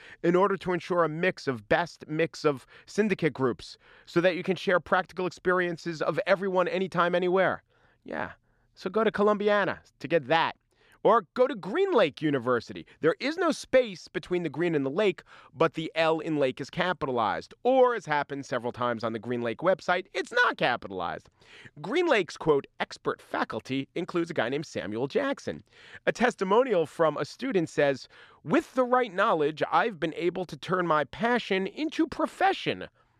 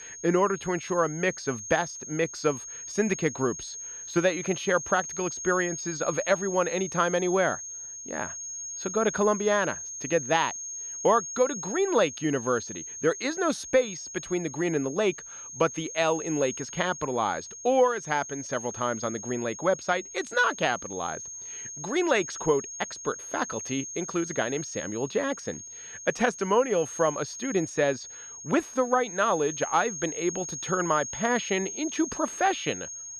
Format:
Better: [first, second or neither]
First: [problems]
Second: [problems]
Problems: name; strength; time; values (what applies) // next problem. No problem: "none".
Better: first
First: none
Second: high-pitched whine; loud; throughout; 6.5 kHz, 9 dB below the speech